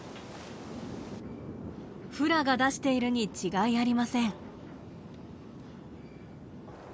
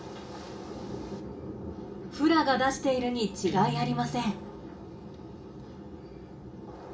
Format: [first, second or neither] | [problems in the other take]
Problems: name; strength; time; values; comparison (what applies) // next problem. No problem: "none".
first | background sound (Guitar); 13 dB below the speech // room echo; dies away in 0.3 s